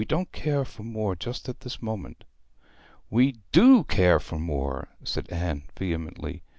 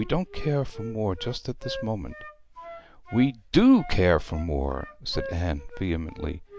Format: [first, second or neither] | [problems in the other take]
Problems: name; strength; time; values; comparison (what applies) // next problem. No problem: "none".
first | background sound (Wind instrument, woodwind instrument); 17 dB below the speech